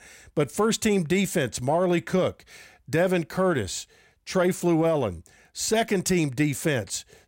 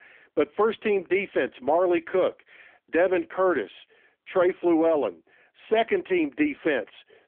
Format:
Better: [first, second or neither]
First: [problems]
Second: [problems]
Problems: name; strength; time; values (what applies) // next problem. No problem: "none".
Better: first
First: none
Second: phone-call audio; poor line; nothing above 3.5 kHz